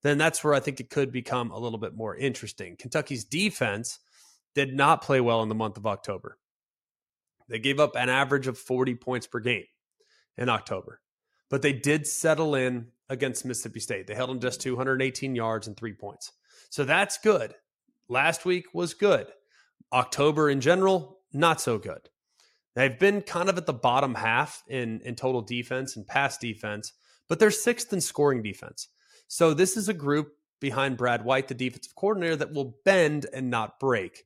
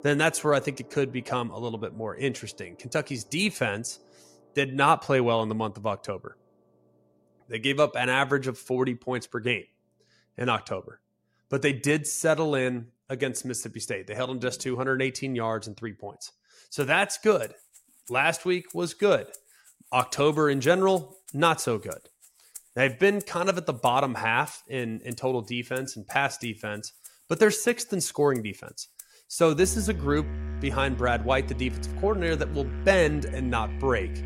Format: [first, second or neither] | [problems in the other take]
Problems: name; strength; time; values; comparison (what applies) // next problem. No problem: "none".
first | background music; noticeable; throughout; 15 dB below the speech